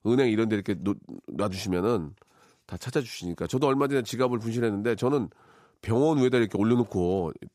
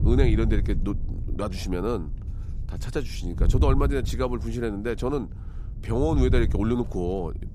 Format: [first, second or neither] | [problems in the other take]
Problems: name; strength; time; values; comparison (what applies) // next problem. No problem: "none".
first | wind noise on the microphone; occasional gusts; 15 dB below the speech